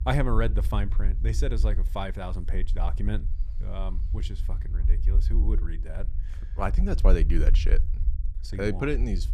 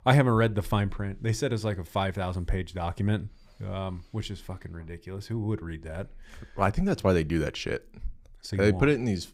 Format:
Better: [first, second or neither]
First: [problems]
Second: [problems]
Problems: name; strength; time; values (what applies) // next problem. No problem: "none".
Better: second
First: low rumble; noticeable; throughout; 15 dB below the speech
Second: none